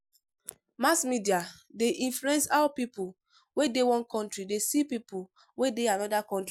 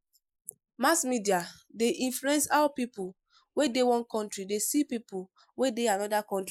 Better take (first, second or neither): first